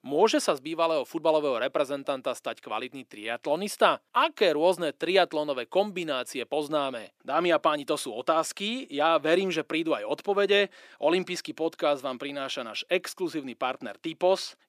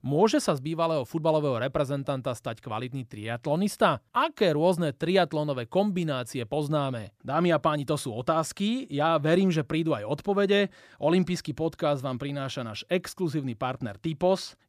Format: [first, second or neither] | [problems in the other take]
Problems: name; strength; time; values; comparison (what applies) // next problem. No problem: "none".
second | thin; somewhat; fading below 300 Hz